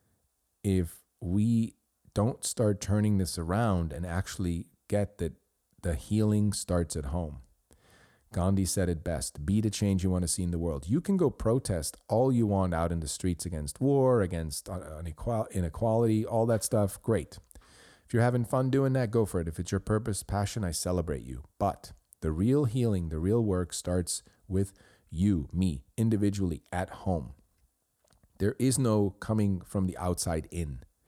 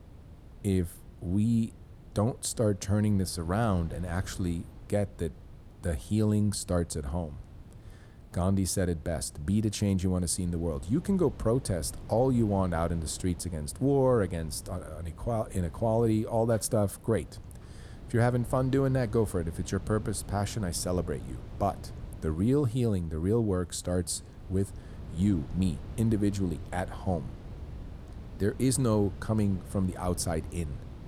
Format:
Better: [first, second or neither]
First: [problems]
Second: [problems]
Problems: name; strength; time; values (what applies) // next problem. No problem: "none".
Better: first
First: none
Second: wind noise on the microphone; occasional gusts; 20 dB below the speech